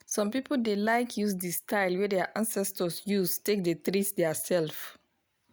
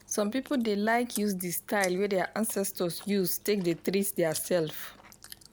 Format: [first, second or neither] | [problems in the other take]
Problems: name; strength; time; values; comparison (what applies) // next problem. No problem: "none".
first | background sound (Chewing, mastication); 19 dB below the speech